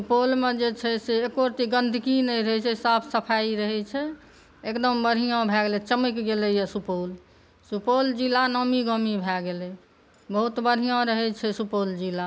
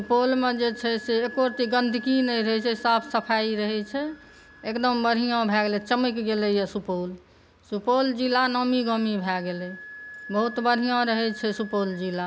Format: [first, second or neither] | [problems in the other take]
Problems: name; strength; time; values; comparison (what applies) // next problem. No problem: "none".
first | background sound (Wind instrument, woodwind instrument); 19 dB below the speech